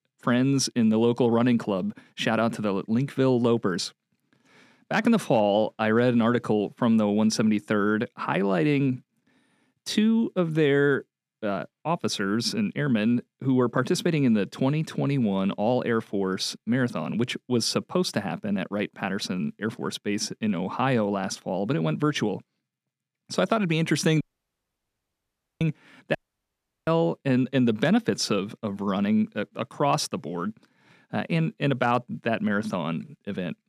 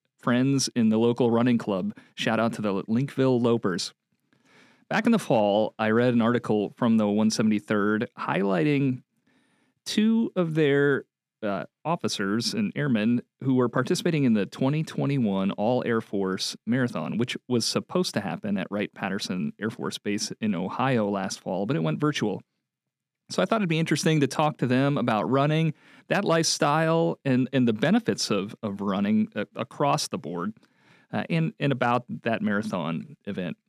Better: second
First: audio cutting out; at 24 s for 1.5 s and at 26 s for 0.5 s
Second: none

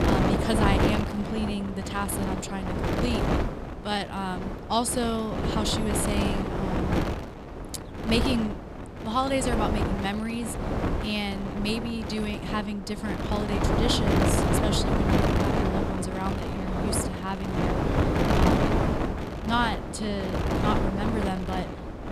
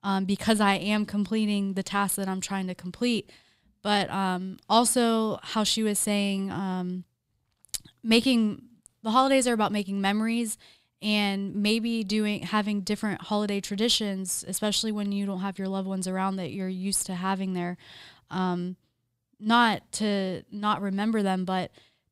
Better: second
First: wind noise on the microphone; heavy; 1 dB above the speech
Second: none

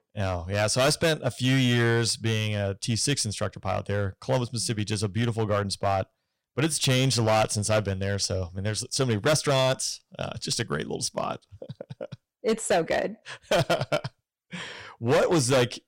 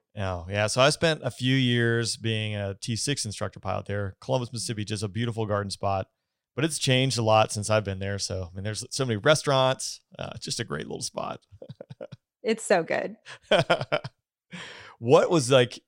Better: second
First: distortion; heavy; 7% of the sound clipped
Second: none

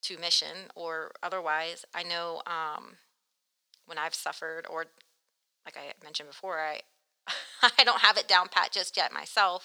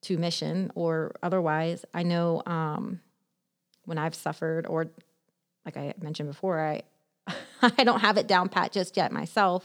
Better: second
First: thin; very; fading below 950 Hz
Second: none

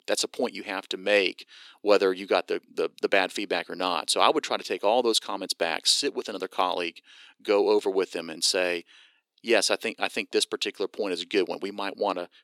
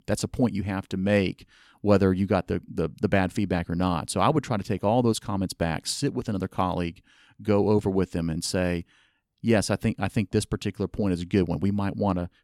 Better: second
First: thin; very; fading below 350 Hz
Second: none

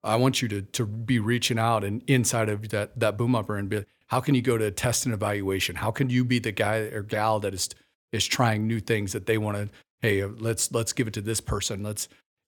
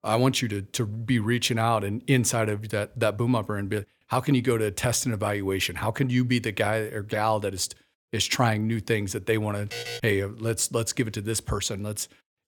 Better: first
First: none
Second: alarm; noticeable; at 9.5 s; peak 7 dB below the speech

